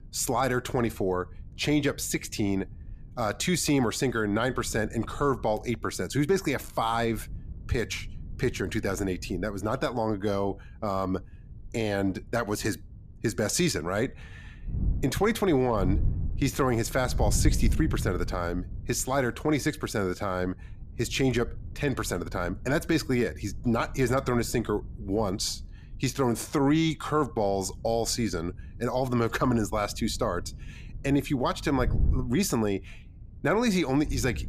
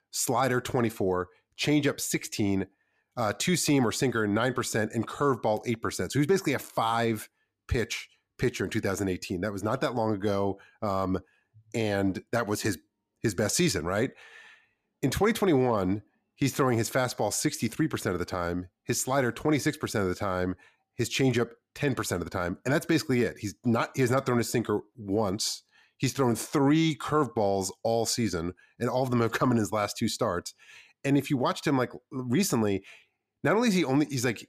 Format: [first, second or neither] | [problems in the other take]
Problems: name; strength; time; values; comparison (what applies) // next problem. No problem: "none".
second | wind noise on the microphone; occasional gusts; 25 dB below the speech